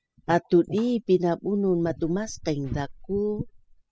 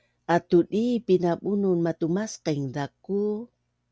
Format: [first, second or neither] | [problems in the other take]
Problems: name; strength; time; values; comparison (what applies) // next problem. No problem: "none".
second | noise reduction (classical method spectral subtraction)